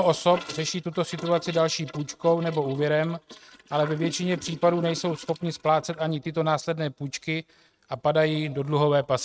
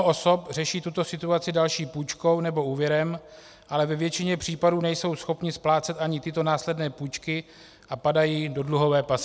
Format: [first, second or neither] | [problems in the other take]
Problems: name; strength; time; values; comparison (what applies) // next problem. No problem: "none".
second | noise reduction (neural mask model RNNoise)